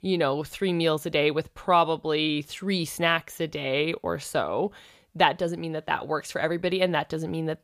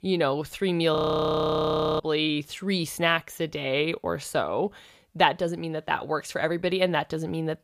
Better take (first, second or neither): first